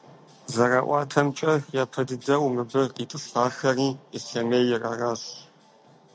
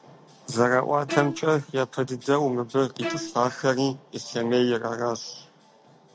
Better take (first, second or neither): first